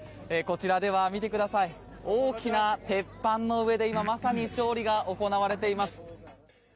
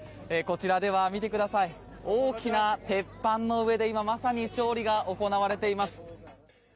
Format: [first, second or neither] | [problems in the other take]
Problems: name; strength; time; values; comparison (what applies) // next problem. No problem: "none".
second | background sound (Breathing); 15 dB below the speech